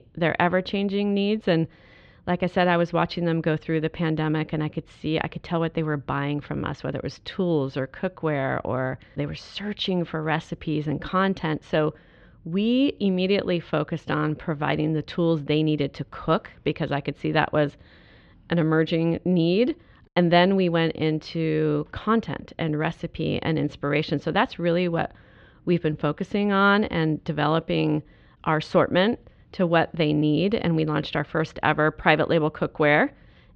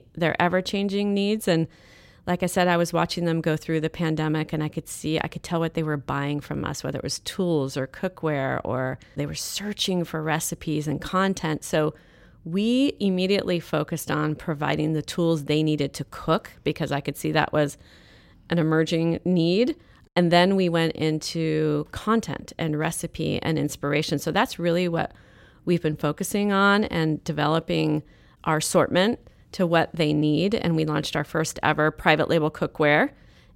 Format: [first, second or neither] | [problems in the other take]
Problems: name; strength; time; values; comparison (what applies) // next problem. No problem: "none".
second | muffled; slightly; fading above 3.5 kHz